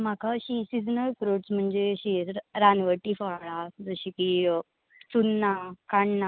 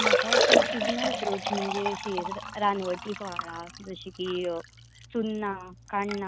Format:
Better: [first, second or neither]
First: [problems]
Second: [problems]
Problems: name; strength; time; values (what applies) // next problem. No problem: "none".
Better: first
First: none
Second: background sound (Liquid); 3 dB above the speech